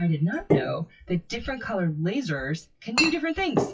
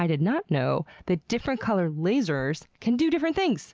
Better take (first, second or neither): second